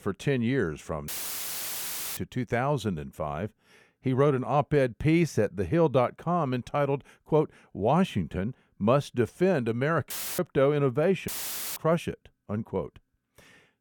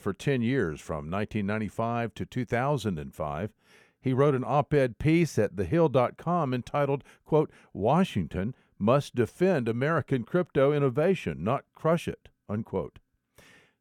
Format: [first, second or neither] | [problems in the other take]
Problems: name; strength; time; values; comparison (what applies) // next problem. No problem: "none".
second | audio cutting out; filled with static; at 1 s for 1 s, at 10 s and at 11 s